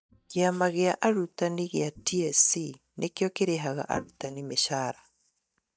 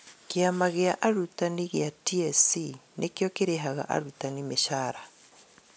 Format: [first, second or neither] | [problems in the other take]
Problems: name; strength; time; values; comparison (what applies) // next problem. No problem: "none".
second | noise reduction (neural mask model DeepFilterNet 3)